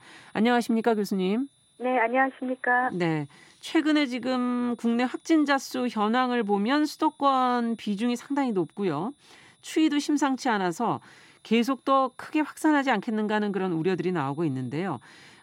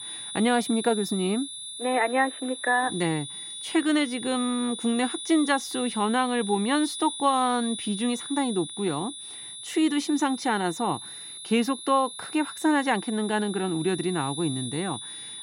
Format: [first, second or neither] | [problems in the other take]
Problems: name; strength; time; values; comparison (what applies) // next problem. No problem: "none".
first | high-pitched whine; loud; throughout; 3.5 kHz, 9 dB below the speech; faint in the first